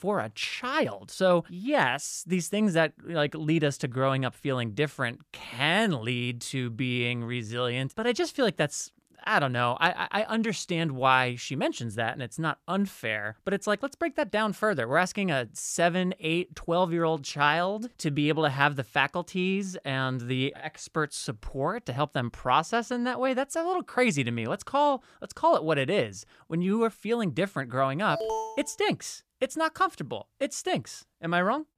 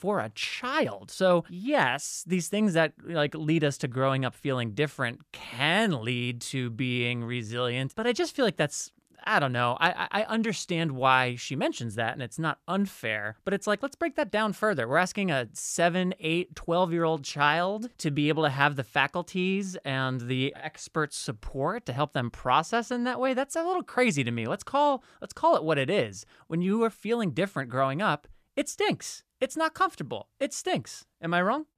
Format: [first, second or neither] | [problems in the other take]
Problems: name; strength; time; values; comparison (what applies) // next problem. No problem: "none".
second | alarm; noticeable; at 28 s; peak 3 dB below the speech